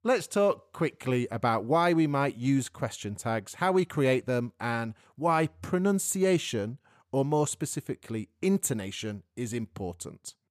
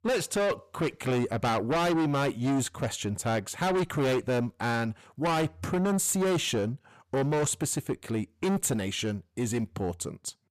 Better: first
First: none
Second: distortion; heavy; 6 dB below the speech

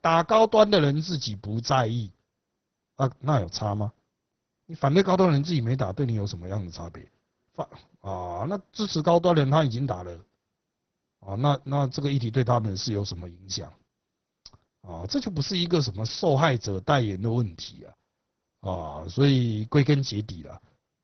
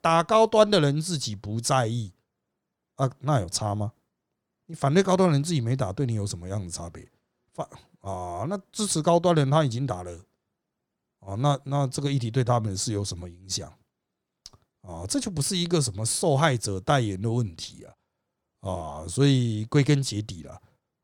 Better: second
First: garbled, watery; badly; nothing above 6 kHz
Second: none

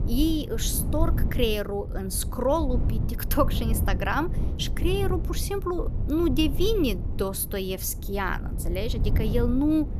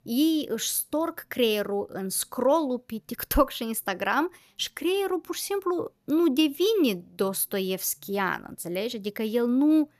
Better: second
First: low rumble; noticeable; throughout; 15 dB below the speech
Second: none

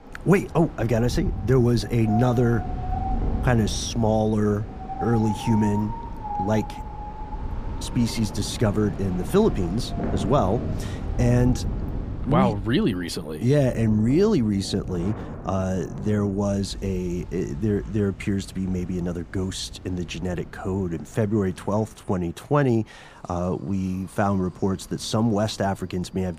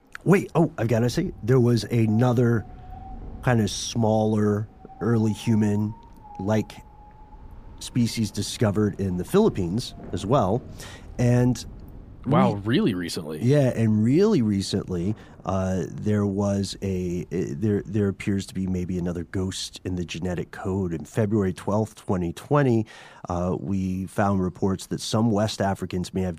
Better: second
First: wind in the background; loud; throughout; 9 dB below the speech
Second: wind in the background; faint; throughout; 25 dB below the speech

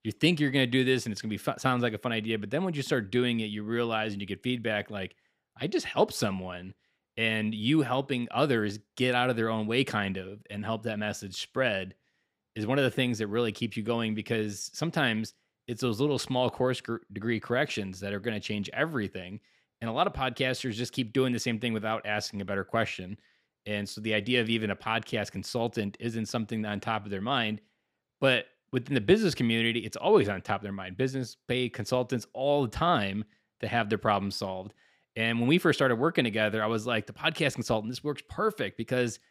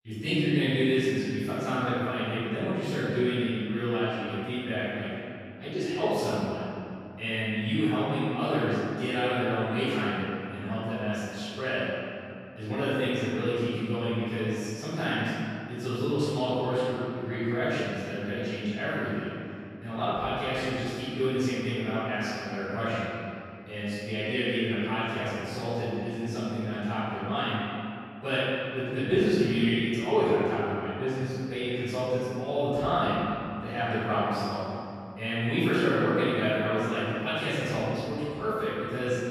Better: first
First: none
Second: off-mic speech; far // room echo; strong; dies away in 2.4 s

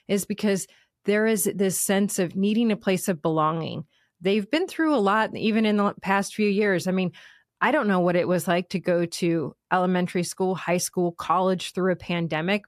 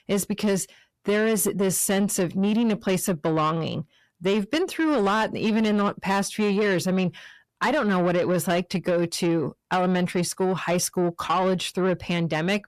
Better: first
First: none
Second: distortion; slight; 10 dB below the speech

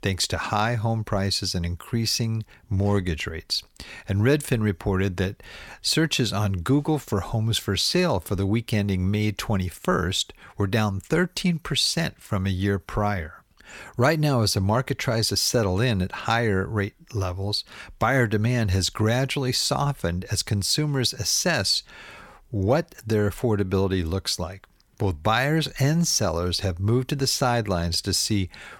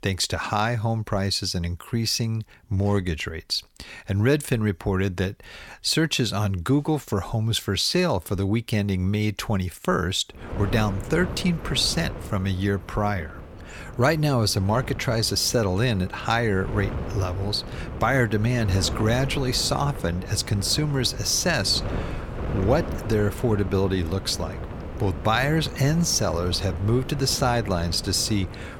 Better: first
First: none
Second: wind noise on the microphone; occasional gusts; from 10 s on; 15 dB below the speech

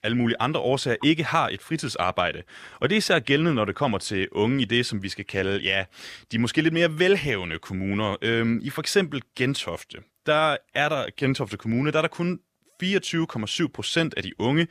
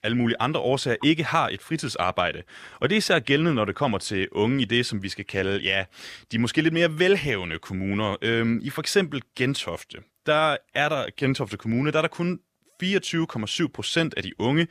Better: neither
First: none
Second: none

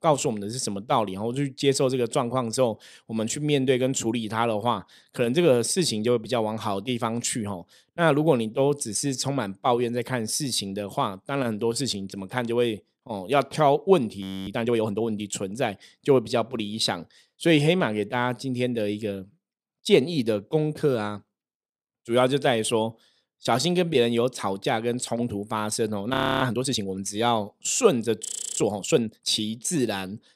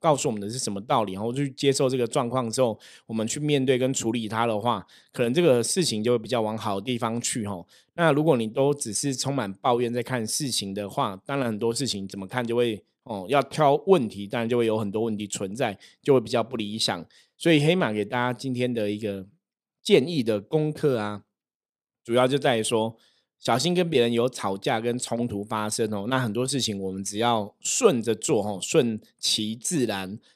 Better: second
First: audio freezing; at 14 s, at 26 s and at 28 s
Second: none

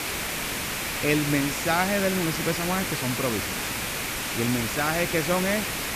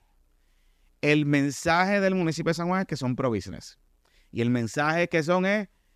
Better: second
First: hiss; loud; throughout; 1 dB below the speech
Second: none

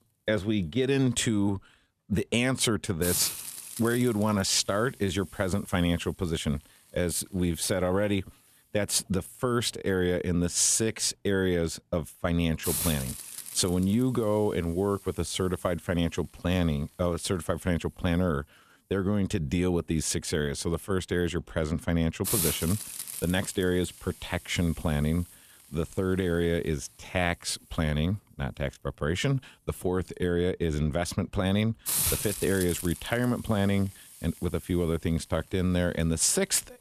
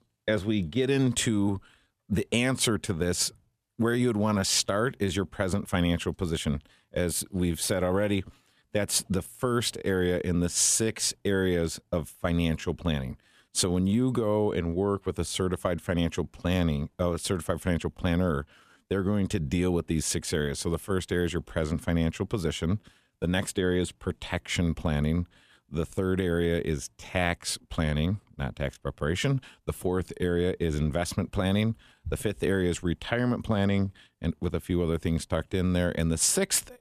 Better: second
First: hiss; loud; throughout; 6 dB below the speech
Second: none

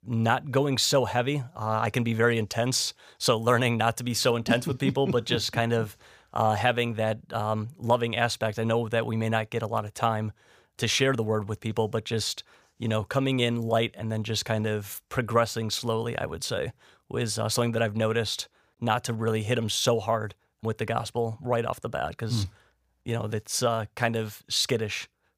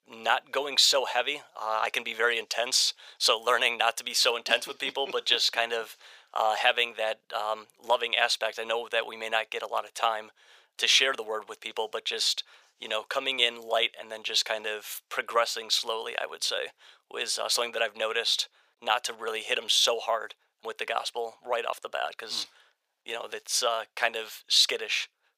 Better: first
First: none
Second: thin; very; fading below 500 Hz

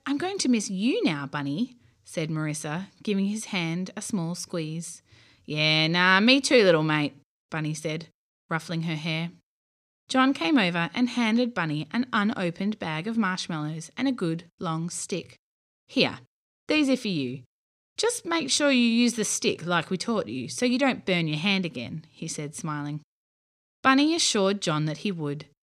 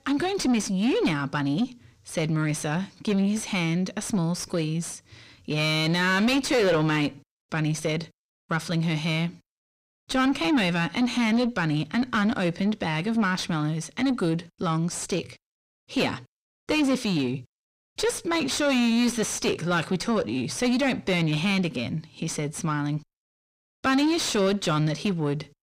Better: first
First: none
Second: distortion; heavy; 7 dB below the speech

